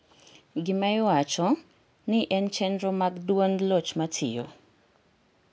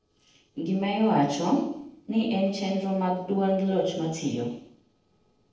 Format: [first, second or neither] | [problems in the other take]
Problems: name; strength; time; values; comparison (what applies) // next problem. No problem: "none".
first | noise reduction (neural separator model SepFormer DNS4)